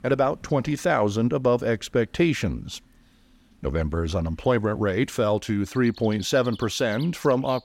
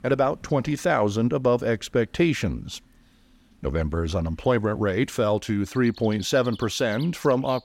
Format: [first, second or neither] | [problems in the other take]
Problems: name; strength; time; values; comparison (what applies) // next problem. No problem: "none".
neither | animal sounds; faint; throughout; 25 dB below the speech; the same in both